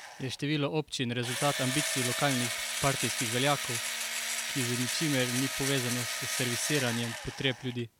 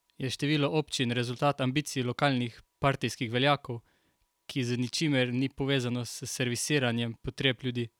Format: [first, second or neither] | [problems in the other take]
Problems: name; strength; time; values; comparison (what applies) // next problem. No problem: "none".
second | background sound (Engine / Drill); 3 dB below the speech